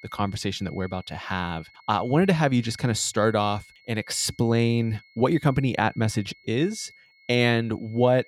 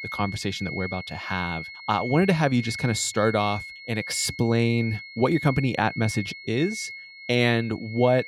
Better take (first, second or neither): first